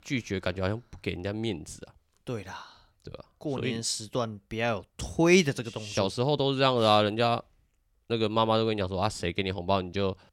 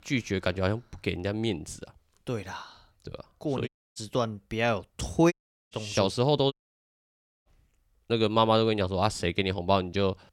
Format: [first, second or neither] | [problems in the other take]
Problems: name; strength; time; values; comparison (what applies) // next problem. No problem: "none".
first | audio cutting out; at 3.5 s, at 5.5 s and at 6.5 s for 1 s